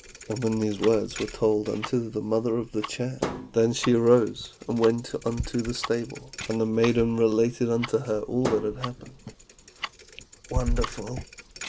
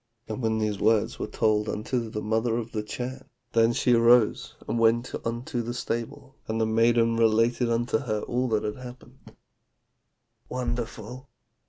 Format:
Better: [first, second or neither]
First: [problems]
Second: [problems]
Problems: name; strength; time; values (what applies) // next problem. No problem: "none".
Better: second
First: background sound (Tick-tock + Thump, thud); 11 dB below the speech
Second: none